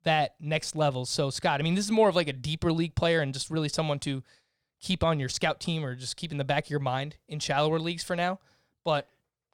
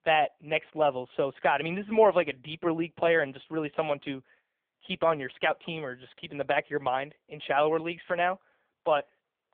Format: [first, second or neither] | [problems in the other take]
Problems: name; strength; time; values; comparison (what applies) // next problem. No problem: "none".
first | phone-call audio; poor line; nothing above 3.5 kHz